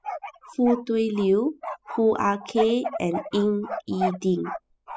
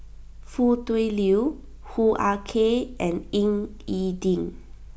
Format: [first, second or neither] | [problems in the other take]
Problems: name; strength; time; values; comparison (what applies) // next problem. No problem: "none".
second | noise reduction (classical method spectral subtraction)